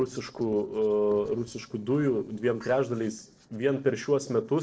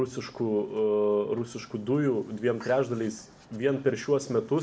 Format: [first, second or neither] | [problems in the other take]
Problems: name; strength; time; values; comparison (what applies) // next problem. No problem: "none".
second | noise reduction (neural separator model SepFormer DNS4)